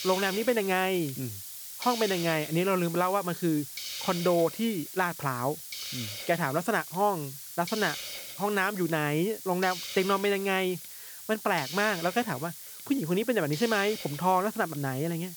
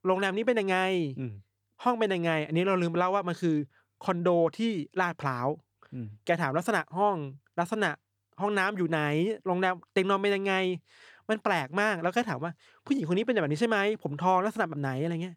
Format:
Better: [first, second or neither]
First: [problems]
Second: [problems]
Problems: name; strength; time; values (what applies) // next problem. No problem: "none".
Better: second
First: hiss; loud; throughout; 9 dB below the speech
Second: none